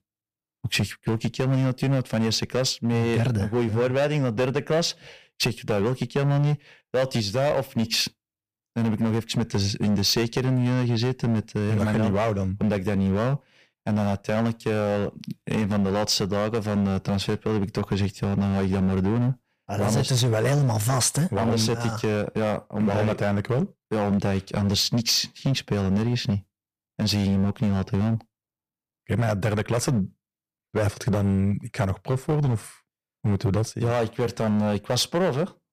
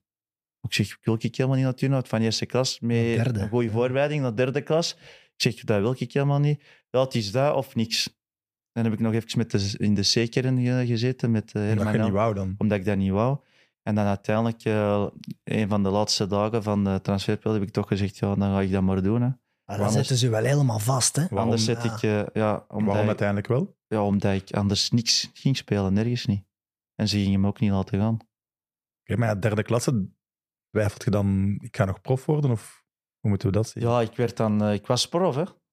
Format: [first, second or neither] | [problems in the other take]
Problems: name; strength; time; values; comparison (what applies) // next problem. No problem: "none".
second | distortion; slight; 12% of the sound clipped